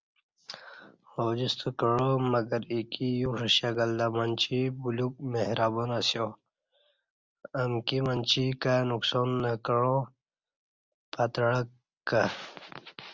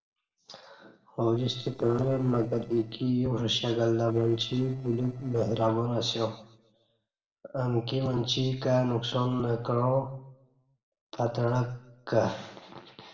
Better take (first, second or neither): first